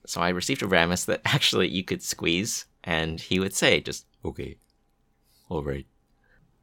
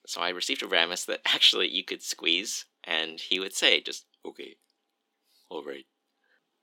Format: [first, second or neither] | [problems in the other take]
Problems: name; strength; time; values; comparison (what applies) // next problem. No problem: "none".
first | thin; somewhat; fading below 250 Hz